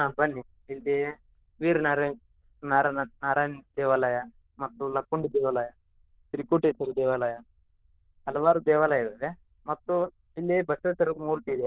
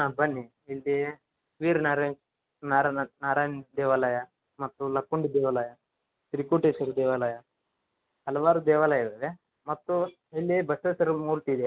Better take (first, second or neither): second